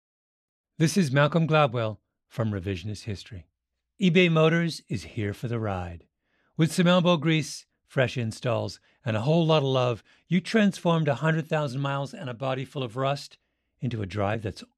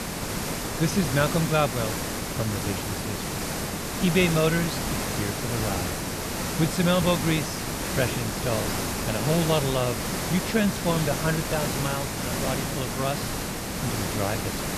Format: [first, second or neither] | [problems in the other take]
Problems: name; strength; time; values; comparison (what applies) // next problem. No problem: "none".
first | hiss; loud; throughout; 1 dB below the speech